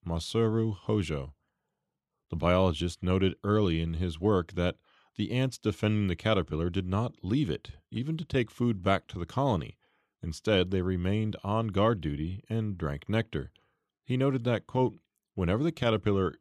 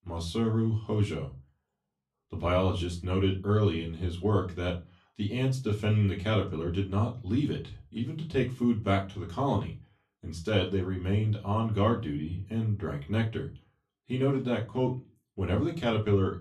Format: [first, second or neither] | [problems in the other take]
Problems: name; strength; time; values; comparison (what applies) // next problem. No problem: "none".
first | off-mic speech; far // room echo; very slight; dies away in 0.3 s